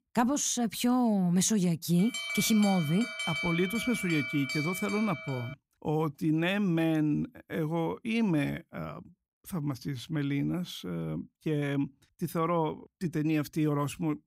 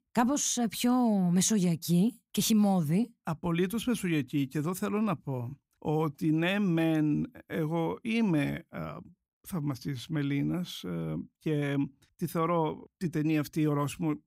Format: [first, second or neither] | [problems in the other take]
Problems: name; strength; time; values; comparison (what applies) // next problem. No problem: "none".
second | alarm; noticeable; from 2 to 5.5 s; peak 1 dB below the speech